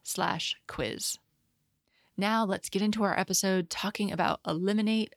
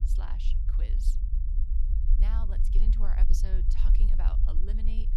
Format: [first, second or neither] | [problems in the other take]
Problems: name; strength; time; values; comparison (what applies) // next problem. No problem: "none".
first | low rumble; loud; throughout; 4 dB below the speech